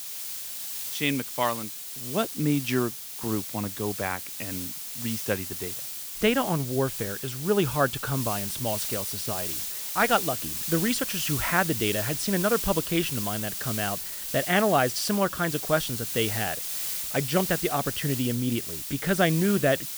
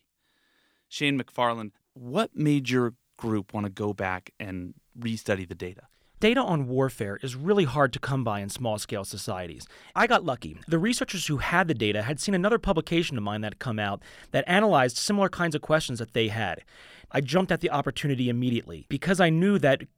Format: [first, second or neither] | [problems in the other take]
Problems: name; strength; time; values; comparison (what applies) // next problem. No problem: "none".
second | hiss; loud; throughout; 3 dB below the speech